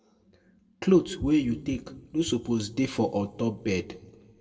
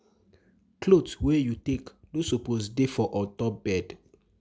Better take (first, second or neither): second